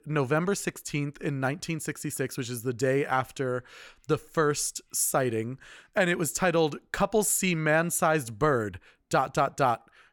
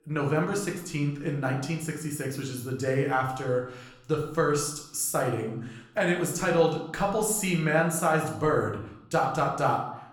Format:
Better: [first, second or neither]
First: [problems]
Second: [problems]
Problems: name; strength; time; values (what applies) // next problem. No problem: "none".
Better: first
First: none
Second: room echo; slight; dies away in 0.6 s // off-mic speech; somewhat distant